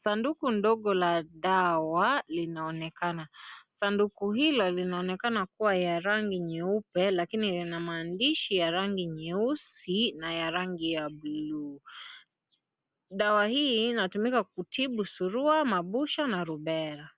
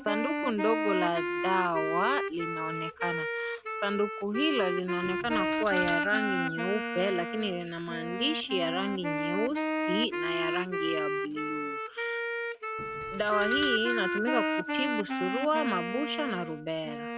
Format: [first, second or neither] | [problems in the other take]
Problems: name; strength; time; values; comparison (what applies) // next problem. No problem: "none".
first | background sound (Doorbell + Wind instrument, woodwind instrument); as loud as the speech